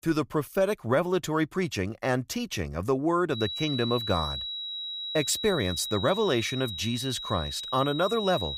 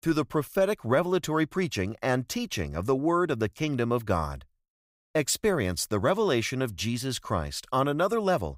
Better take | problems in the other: second | high-pitched whine; loud; from 3.5 s on; 4 kHz, 5 dB below the speech

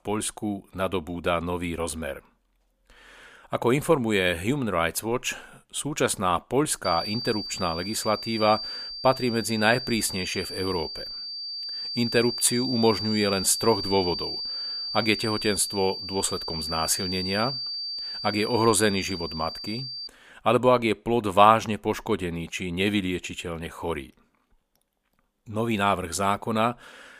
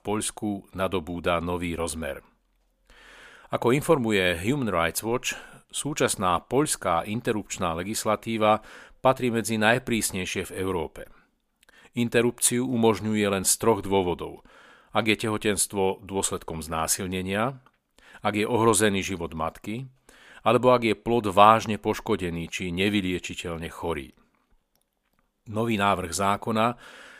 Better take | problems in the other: second | high-pitched whine; loud; from 7 to 20 s; 4.5 kHz, 5 dB below the speech

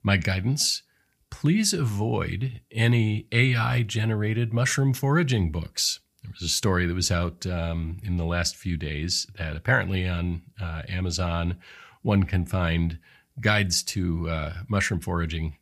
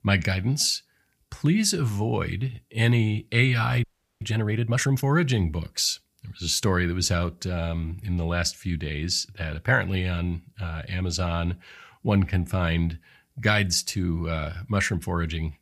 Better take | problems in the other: first | audio freezing; at 4 s

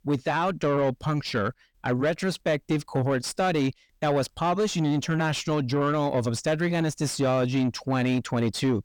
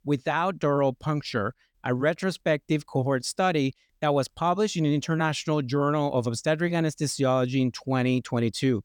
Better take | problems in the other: second | distortion; slight; 10 dB below the speech

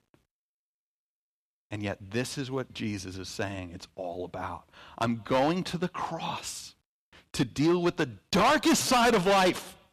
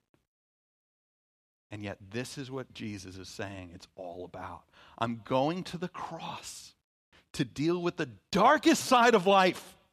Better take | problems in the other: second | distortion; heavy; 5% of the sound clipped

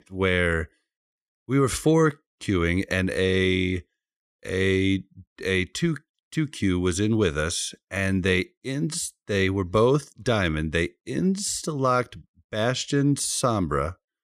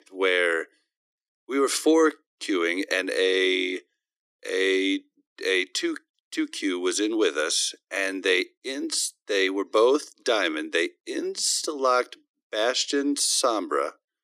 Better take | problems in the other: first | thin; somewhat; fading below 300 Hz

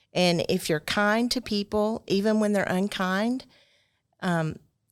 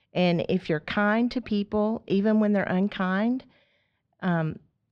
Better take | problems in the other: first | muffled; slightly; fading above 3 kHz

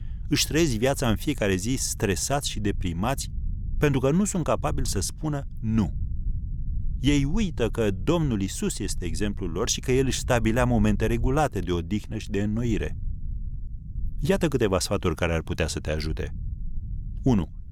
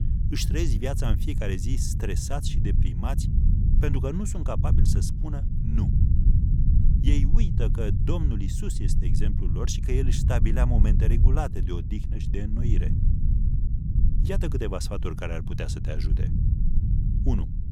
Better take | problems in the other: first | low rumble; loud; throughout; 5 dB below the speech; faint in the first

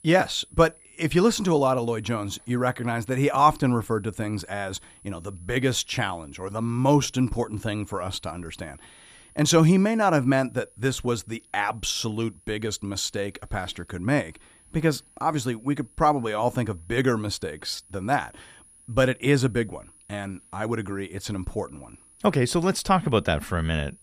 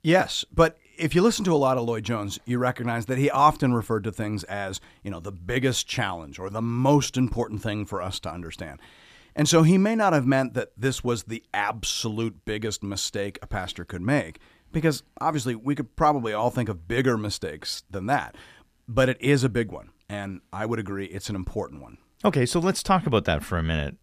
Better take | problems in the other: second | high-pitched whine; faint; throughout; 10.5 kHz, 25 dB below the speech

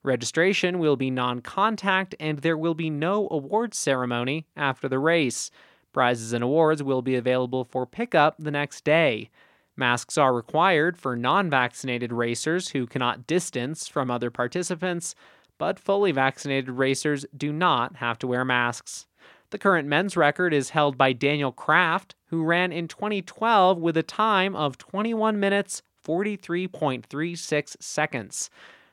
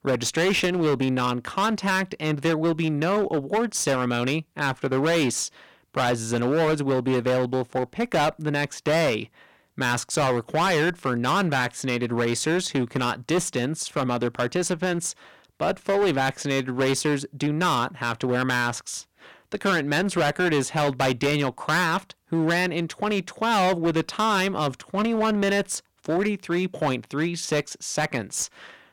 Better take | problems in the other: first | distortion; heavy; 16% of the sound clipped

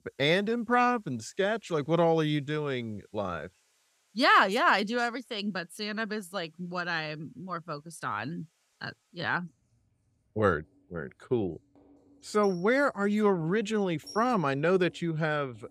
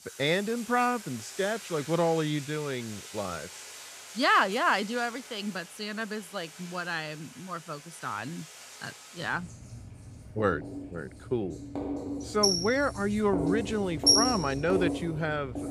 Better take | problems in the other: first | household noises; loud; throughout; 2 dB below the speech; faint in the first

